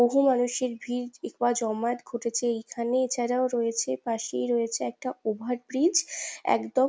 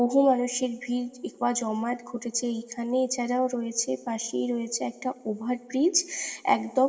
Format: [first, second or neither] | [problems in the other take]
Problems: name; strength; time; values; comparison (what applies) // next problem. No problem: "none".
first | room echo; dies away in 2.8 s